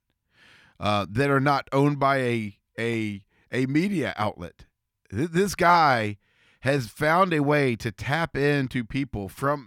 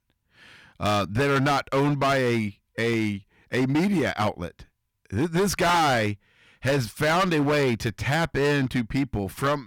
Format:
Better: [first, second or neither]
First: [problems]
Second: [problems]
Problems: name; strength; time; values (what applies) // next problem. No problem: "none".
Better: first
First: none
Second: distortion; heavy; 15% of the sound clipped